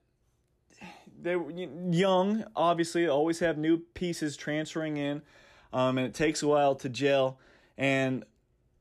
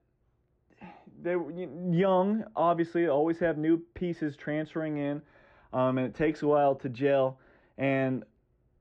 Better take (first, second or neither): first